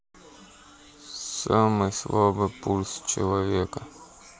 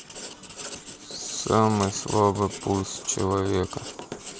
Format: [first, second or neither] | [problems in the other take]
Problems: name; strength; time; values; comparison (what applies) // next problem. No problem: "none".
first | background sound (Writing); 13 dB below the speech